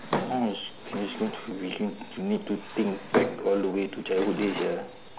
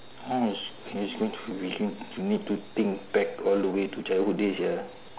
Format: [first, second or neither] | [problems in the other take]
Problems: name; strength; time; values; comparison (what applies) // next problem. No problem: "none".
second | background sound (Drawer open or close); 7 dB below the speech